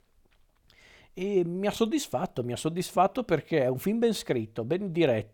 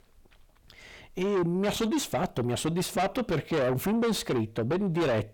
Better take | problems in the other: first | distortion; heavy; 5 dB below the speech

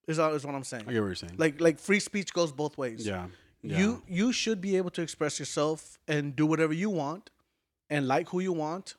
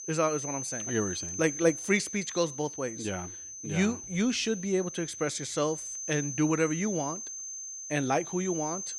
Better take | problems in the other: first | high-pitched whine; loud; throughout; 6 kHz, 6 dB below the speech

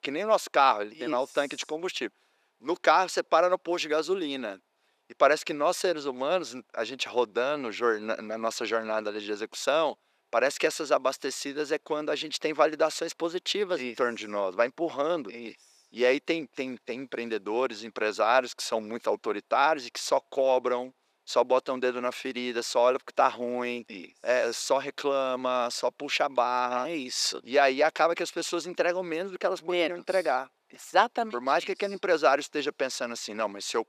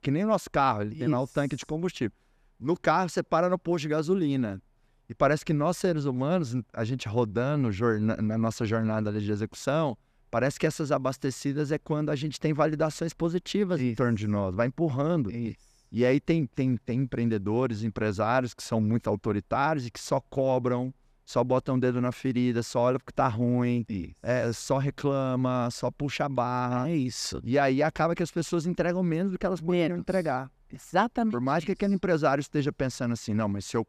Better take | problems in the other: second | thin; very; fading below 400 Hz

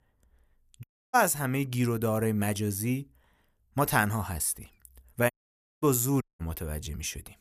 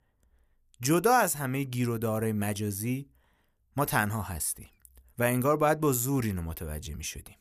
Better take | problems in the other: second | audio cutting out; at 1 s, at 5.5 s for 0.5 s and at 6 s

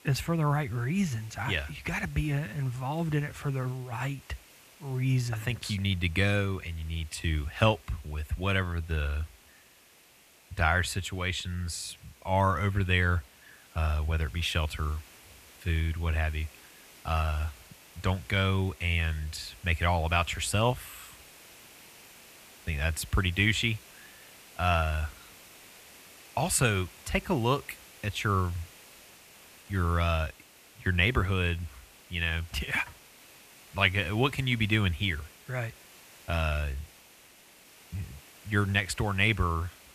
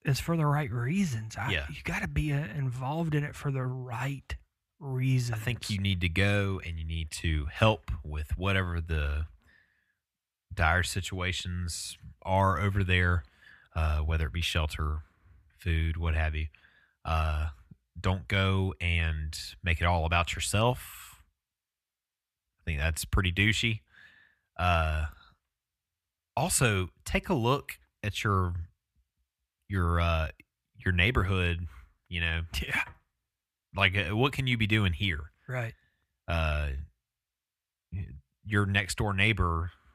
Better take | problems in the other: second | hiss; faint; throughout; 20 dB below the speech

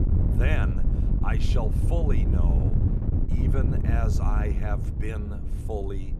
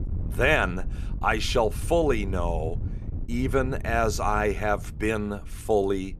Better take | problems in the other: second | wind noise on the microphone; heavy; 3 dB below the speech; occasional gusts in the second

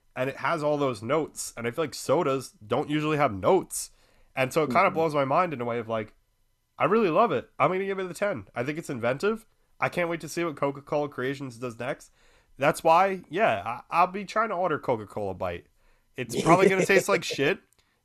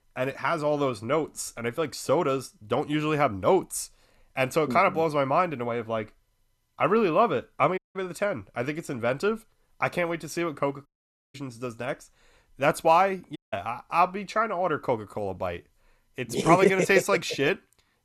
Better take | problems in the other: first | audio cutting out; at 8 s, at 11 s and at 13 s

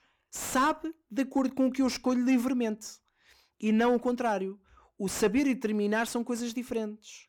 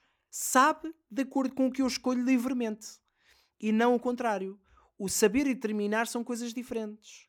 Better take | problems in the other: second | distortion; slight; 10 dB below the speech

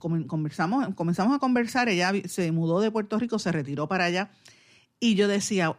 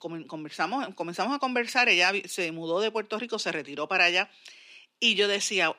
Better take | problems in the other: first | thin; somewhat; fading below 450 Hz

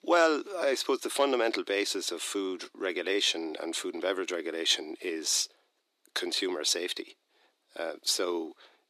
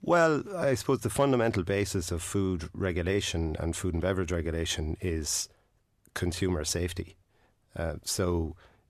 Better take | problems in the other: second | thin; somewhat; fading below 300 Hz

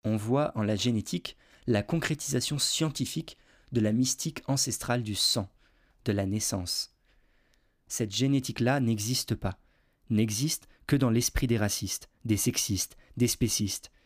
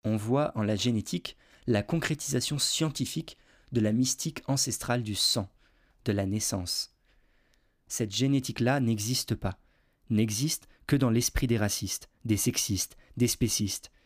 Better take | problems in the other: neither | none

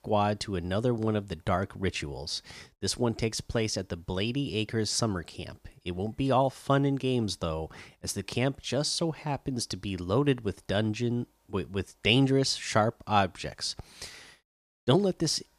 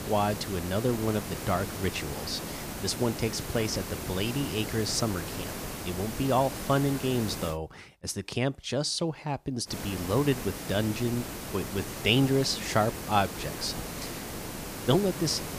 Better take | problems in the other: first | hiss; loud; until 7.5 s and from 9.5 s on; 7 dB below the speech

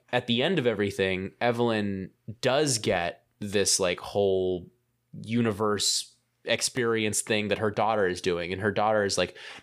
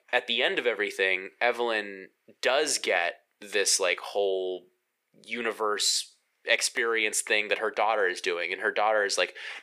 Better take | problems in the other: first | thin; very; fading below 400 Hz

